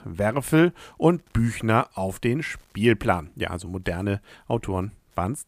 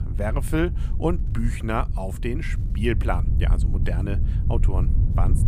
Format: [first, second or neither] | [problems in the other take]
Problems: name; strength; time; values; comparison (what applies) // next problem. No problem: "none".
first | wind noise on the microphone; occasional gusts; 10 dB below the speech